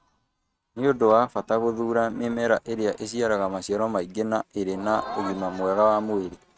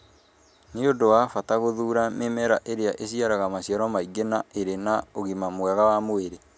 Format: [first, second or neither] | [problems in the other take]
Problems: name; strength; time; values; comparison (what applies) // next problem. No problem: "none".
second | noise reduction (neural mask model RNNoise)